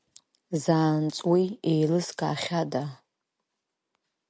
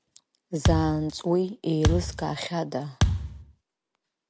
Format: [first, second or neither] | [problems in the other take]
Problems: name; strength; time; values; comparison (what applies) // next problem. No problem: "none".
first | background sound (Thump, thud); as loud as the speech